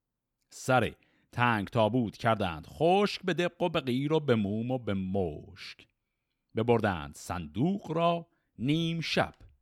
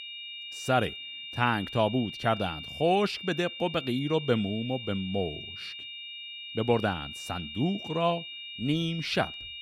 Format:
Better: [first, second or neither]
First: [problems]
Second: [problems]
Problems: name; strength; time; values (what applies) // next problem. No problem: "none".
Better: first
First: none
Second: high-pitched whine; loud; throughout; 3 kHz, 9 dB below the speech